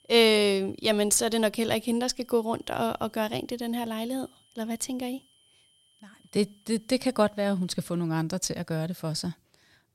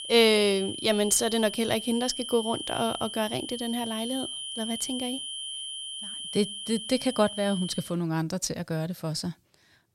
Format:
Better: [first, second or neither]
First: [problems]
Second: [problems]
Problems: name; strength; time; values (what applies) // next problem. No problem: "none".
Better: first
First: high-pitched whine; faint; until 8 s; 3 kHz, 35 dB below the speech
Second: high-pitched whine; loud; until 8 s; 3 kHz, 7 dB below the speech